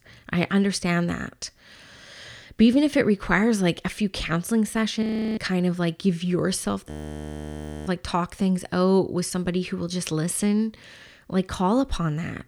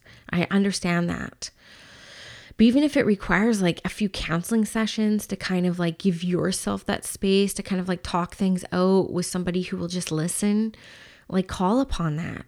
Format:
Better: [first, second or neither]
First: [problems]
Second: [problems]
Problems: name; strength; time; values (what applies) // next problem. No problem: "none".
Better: second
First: audio freezing; at 5 s and at 7 s for 1 s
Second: none